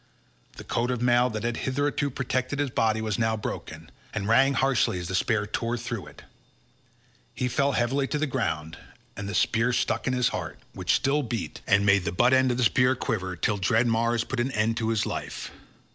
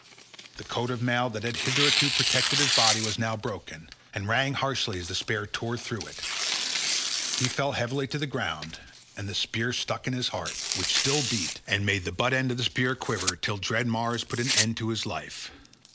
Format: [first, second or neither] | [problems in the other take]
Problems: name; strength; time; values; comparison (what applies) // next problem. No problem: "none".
first | background sound (Tearing); 2 dB below the speech